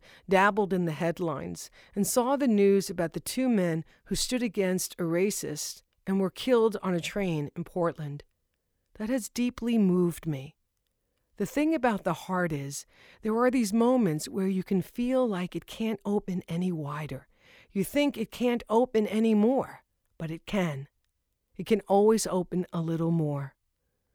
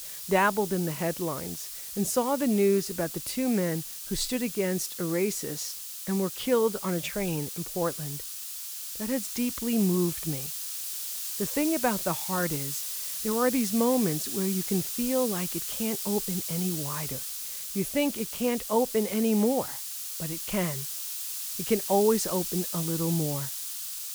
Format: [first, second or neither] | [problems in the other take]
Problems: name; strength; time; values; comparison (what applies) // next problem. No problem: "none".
first | hiss; loud; throughout; 4 dB below the speech